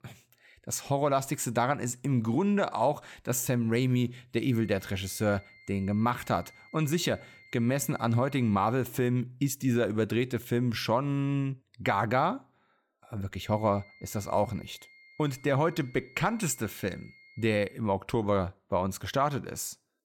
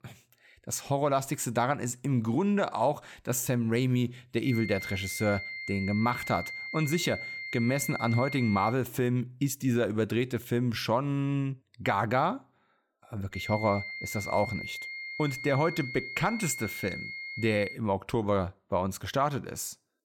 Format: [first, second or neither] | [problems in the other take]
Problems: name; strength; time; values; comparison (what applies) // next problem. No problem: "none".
first | high-pitched whine; loud; from 4.5 to 8.5 s and from 13 to 18 s; 2 kHz, 7 dB below the speech; faint in the first